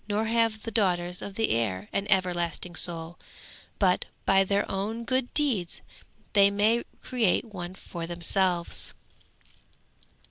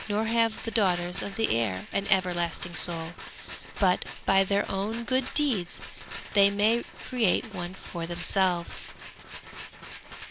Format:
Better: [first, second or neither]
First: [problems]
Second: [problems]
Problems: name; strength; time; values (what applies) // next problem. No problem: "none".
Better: first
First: none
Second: background sound (Rattle); 13 dB below the speech